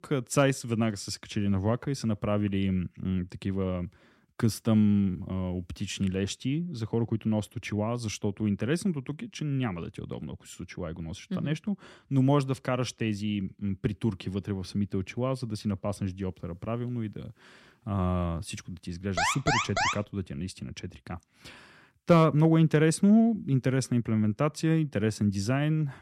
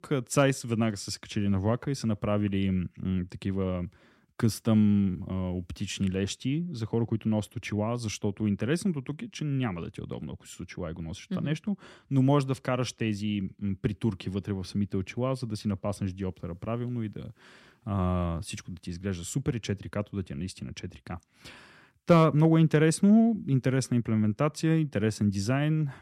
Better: second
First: alarm; loud; at 19 s; peak 3 dB above the speech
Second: none

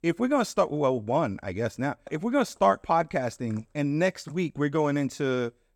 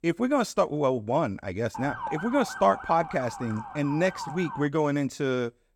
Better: first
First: none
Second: siren; noticeable; from 1.5 to 4.5 s; peak 7 dB below the speech

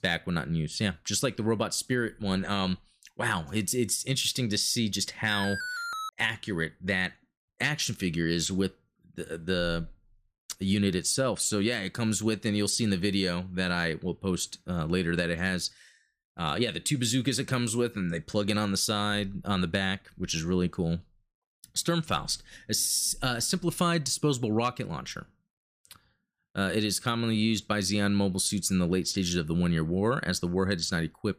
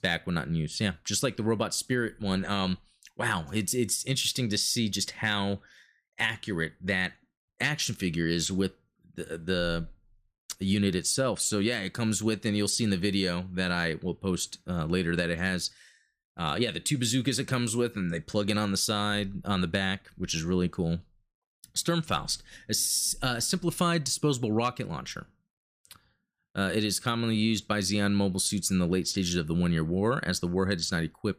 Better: second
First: alarm; noticeable; at 5.5 s; peak 4 dB below the speech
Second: none

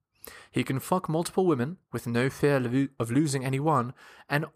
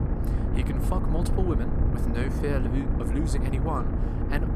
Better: first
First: none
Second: low rumble; loud; throughout; 2 dB below the speech

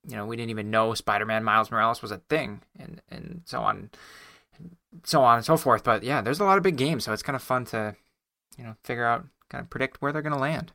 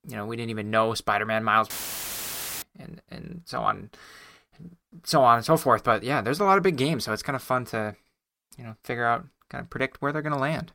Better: first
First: none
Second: audio cutting out; filled with static; at 1.5 s for 1 s

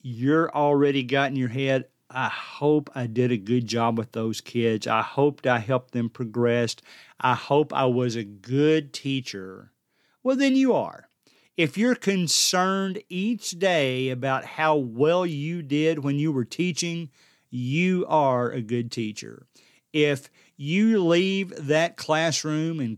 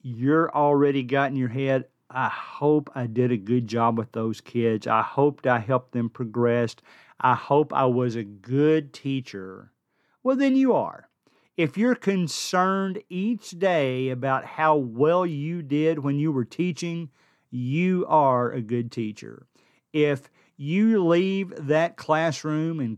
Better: first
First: none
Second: muffled; slightly; fading above 2.5 kHz

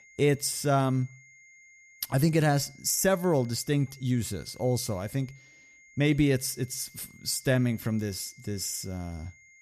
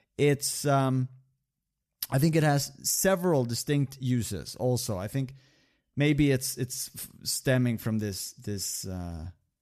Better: second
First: high-pitched whine; faint; throughout; 2 kHz, 25 dB below the speech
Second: none

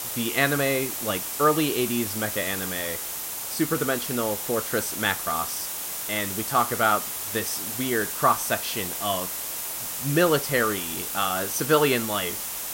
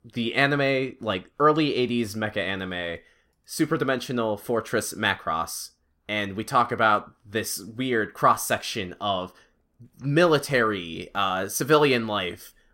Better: second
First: hiss; loud; throughout; 3 dB below the speech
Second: none

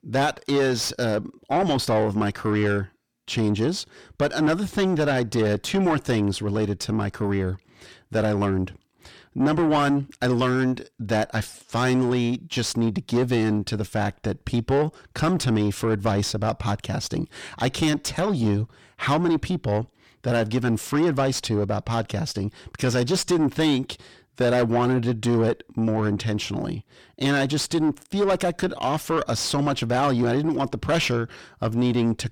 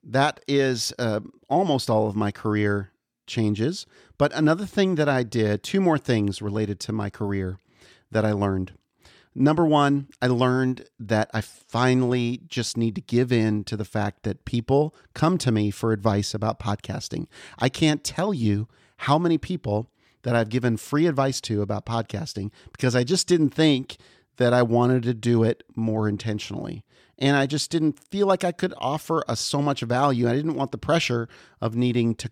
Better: second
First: distortion; heavy; 6 dB below the speech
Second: none

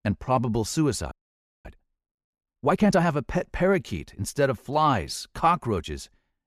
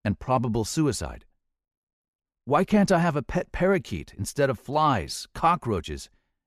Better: second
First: audio freezing; at 1 s for 0.5 s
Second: none

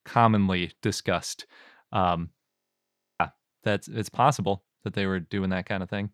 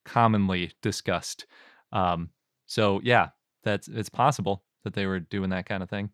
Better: second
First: audio freezing; at 2.5 s for 0.5 s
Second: none

